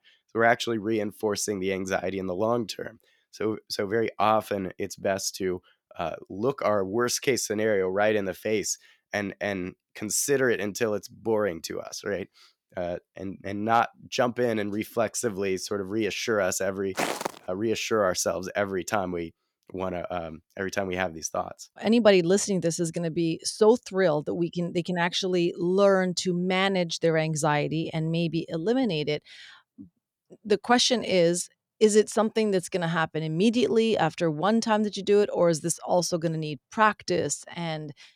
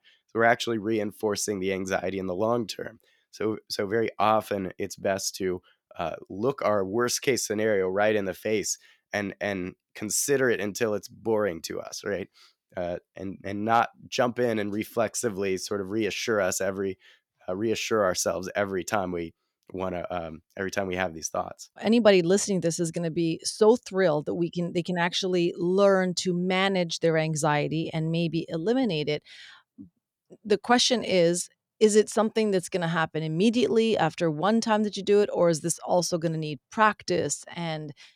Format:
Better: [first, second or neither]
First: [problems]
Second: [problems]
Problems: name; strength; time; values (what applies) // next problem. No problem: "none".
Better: second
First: footsteps; noticeable; at 17 s; peak 3 dB below the speech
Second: none